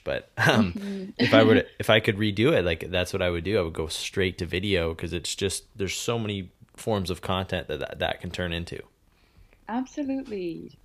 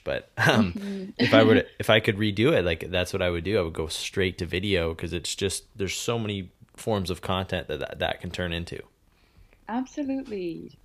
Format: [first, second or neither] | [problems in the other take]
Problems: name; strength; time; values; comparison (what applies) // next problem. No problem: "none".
neither | none